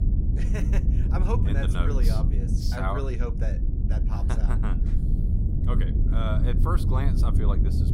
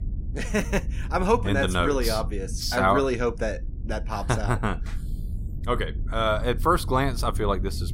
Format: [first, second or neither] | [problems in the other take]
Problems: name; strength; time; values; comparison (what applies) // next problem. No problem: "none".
second | low rumble; loud; throughout; 4 dB below the speech; faint in the second